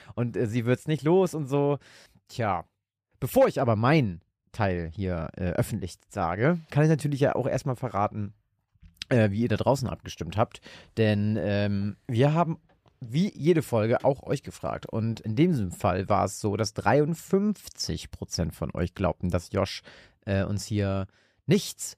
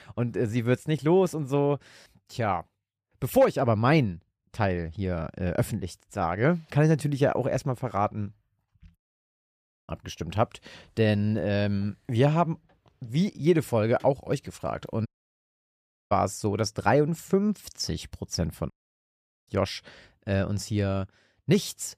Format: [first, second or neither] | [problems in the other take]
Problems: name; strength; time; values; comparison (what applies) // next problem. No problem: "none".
first | audio cutting out; at 9 s for 1 s, at 15 s for 1 s and at 19 s for 1 s